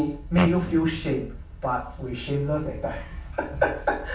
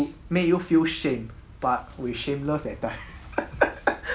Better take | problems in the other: second | background sound (Fart); 3 dB below the speech // room echo; dies away in 0.4 s

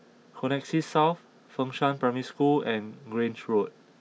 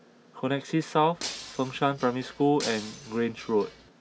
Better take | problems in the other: first | background sound (Shatter); 13 dB below the speech

